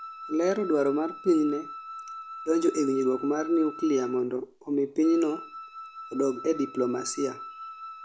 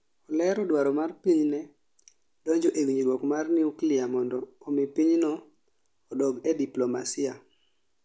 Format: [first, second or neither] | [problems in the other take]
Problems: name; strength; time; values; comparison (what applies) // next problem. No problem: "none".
second | background sound (Wind instrument, woodwind instrument); 14 dB below the speech